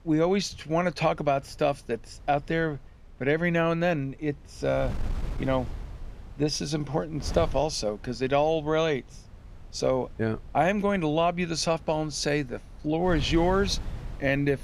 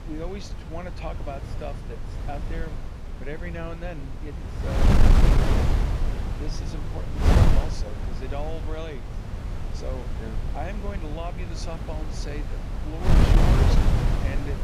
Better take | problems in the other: first | wind noise on the microphone; heavy; 4 dB above the speech; occasional gusts in the first

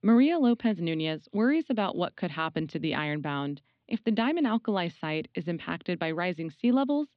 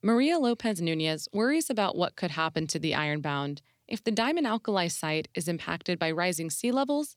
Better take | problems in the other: second | muffled; slightly; fading above 3.5 kHz

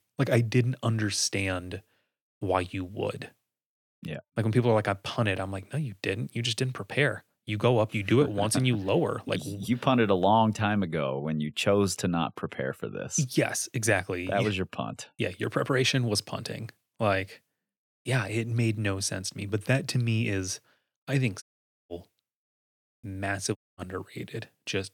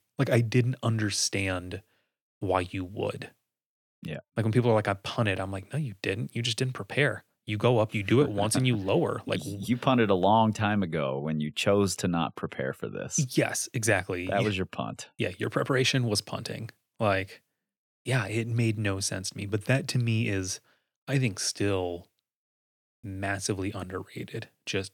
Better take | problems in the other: second | audio cutting out; at 21 s and at 24 s

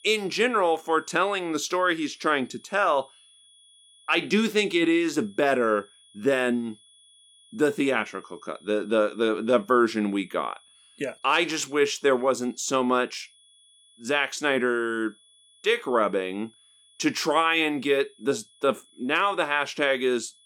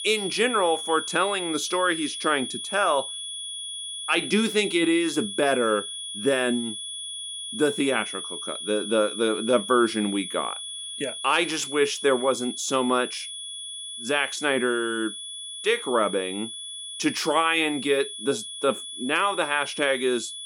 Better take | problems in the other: first | high-pitched whine; loud; throughout; 3.5 kHz, 8 dB below the speech; faint in the first

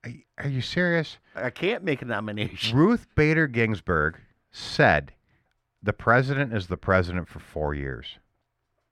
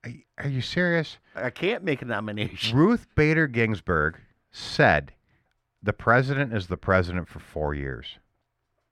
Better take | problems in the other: neither | muffled; slightly; fading above 3.5 kHz; the same in both

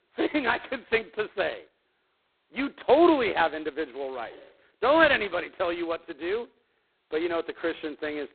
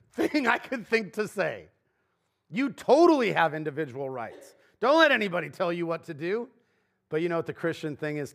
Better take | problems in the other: second | phone-call audio; poor line; nothing above 4 kHz

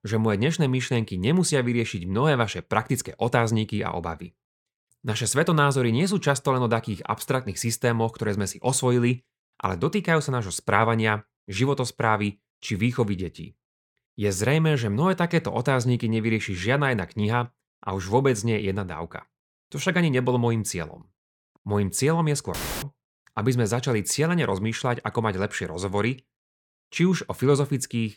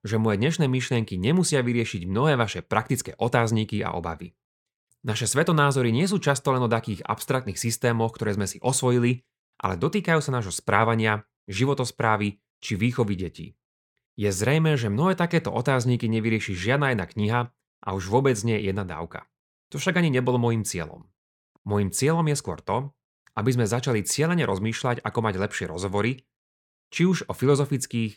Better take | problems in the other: second | audio cutting out; filled with static; at 23 s

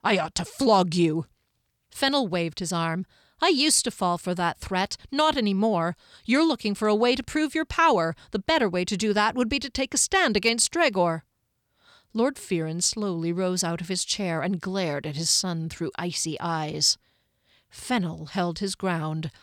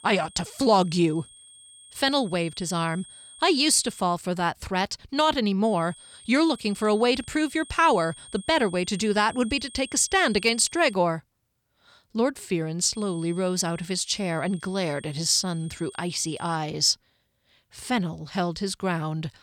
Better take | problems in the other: first | high-pitched whine; faint; until 4 s, from 5.5 to 11 s and from 13 to 17 s; 8.5 kHz, 20 dB below the speech

